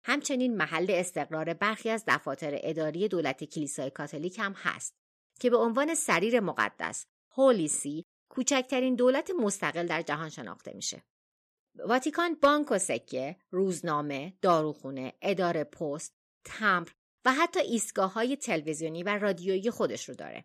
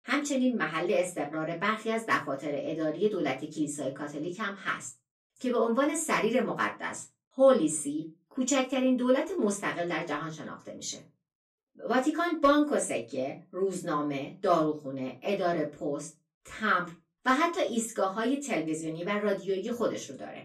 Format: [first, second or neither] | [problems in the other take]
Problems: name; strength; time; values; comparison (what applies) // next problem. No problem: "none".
first | off-mic speech; far // room echo; very slight; dies away in 0.2 s